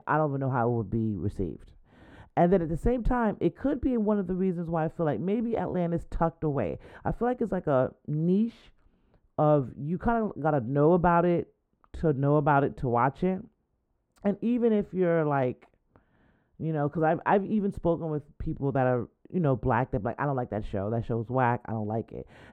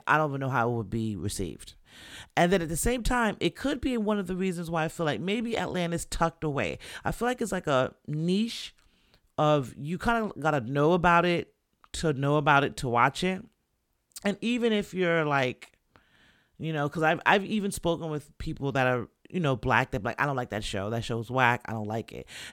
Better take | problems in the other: second | muffled; very; fading above 2 kHz

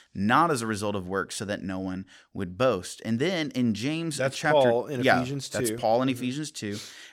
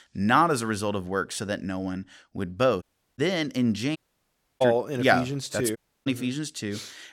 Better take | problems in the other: first | audio cutting out; at 3 s, at 4 s for 0.5 s and at 6 s

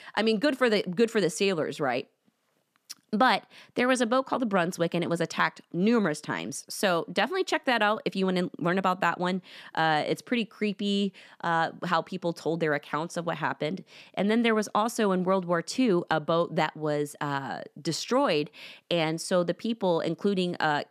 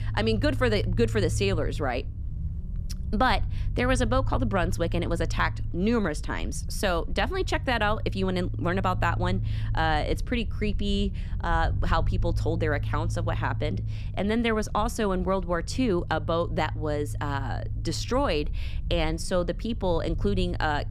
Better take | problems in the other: first | low rumble; noticeable; throughout; 20 dB below the speech

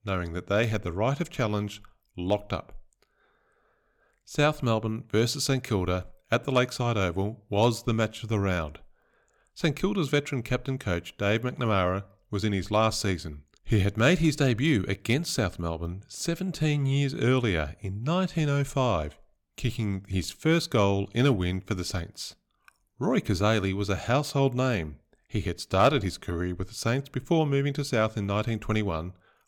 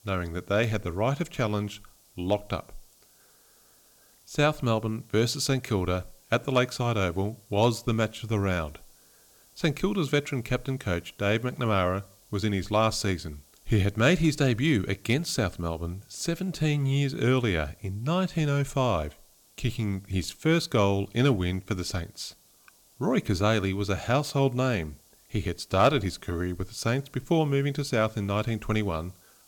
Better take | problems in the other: first | hiss; faint; throughout; 30 dB below the speech

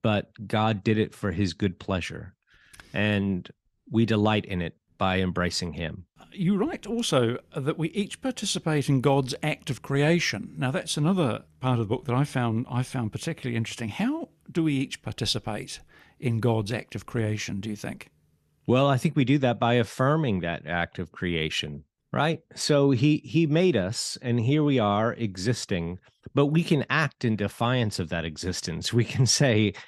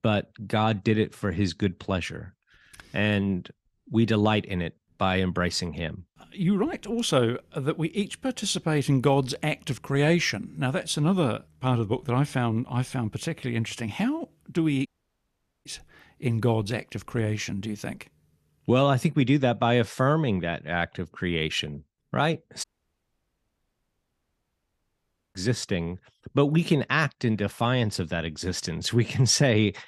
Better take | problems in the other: first | audio cutting out; at 15 s for 1 s and at 23 s for 2.5 s

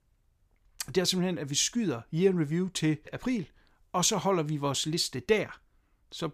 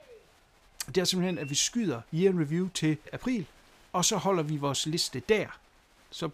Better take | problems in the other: first | crowd noise; faint; throughout; 25 dB below the speech

